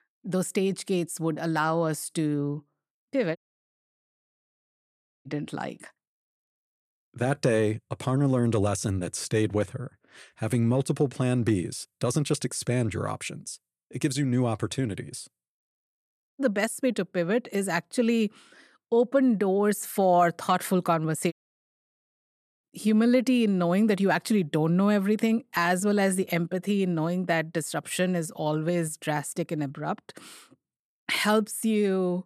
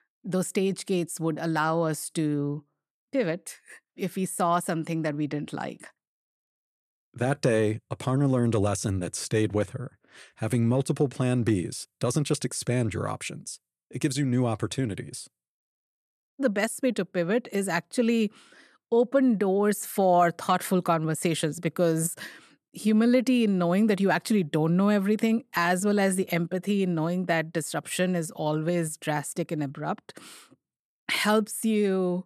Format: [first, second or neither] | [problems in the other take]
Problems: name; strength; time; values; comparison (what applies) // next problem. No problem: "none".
second | audio cutting out; at 3.5 s for 2 s and at 21 s for 1.5 s